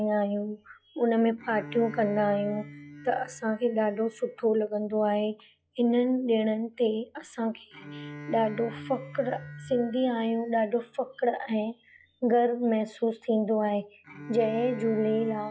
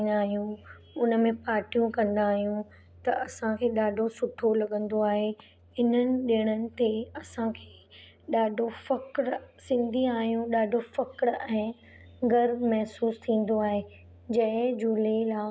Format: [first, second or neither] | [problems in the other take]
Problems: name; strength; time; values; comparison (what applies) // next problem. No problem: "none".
second | noise reduction (classical method log-MMSE)